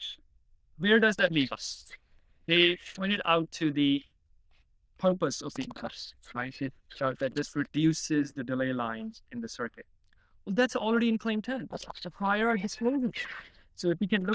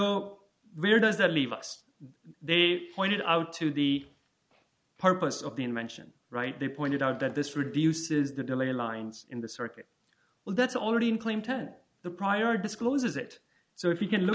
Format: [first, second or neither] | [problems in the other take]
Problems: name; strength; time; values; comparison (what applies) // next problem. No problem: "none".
second | noise reduction (neural diffusion model UNIVERSE++)